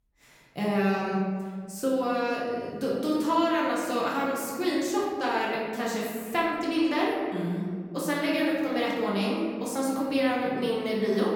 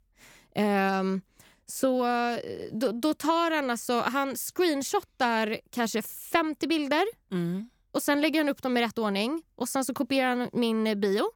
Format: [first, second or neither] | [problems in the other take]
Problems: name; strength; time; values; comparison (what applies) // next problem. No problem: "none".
second | room echo; noticeable; dies away in 1.9 s // off-mic speech; far